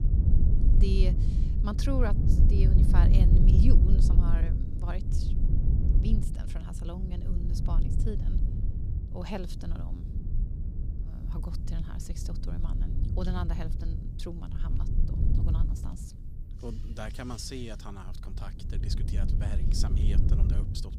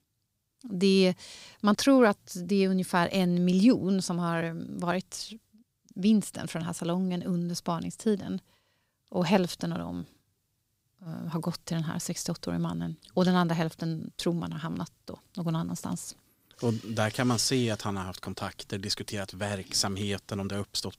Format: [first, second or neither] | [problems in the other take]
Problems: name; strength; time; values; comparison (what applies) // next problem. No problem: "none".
second | low rumble; loud; throughout; 2 dB below the speech